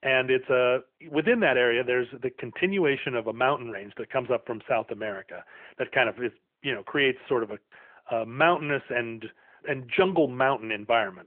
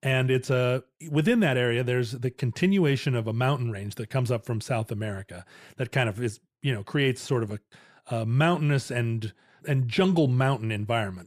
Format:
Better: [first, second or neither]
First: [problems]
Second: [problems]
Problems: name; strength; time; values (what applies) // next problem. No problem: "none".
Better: second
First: phone-call audio; nothing above 3 kHz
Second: none